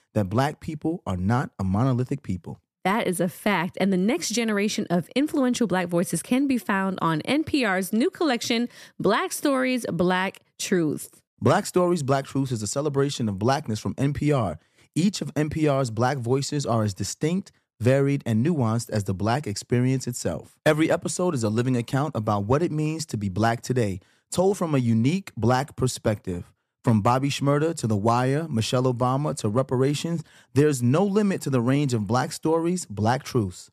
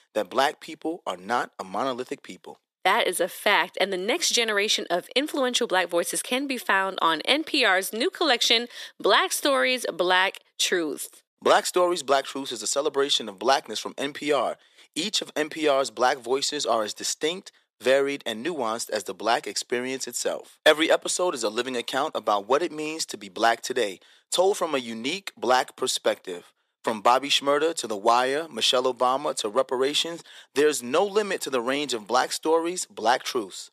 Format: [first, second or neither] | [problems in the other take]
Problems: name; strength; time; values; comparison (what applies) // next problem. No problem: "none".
first | thin; very; fading below 400 Hz